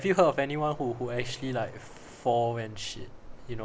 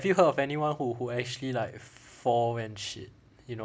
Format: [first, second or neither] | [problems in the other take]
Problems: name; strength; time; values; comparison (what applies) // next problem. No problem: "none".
second | background sound (Waves, surf); 13 dB below the speech